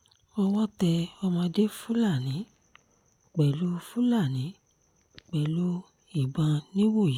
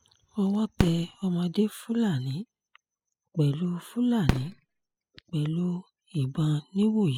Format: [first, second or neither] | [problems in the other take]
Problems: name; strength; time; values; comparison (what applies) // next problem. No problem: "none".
first | noise reduction (classical method spectral subtraction)